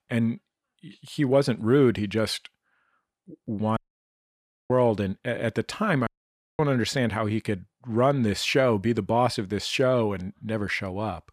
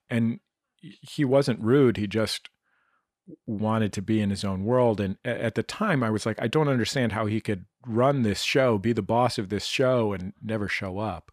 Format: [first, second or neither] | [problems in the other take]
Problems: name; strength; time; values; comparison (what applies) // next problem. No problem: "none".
second | audio cutting out; at 4 s for 1 s and at 6 s for 0.5 s